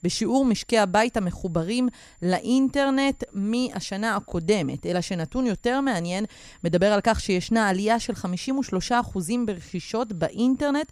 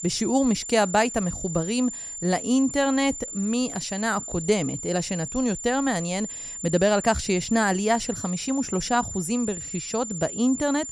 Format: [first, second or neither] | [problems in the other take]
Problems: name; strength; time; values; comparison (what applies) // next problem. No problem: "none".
first | high-pitched whine; loud; throughout; 7 kHz, 8 dB below the speech; faint in the first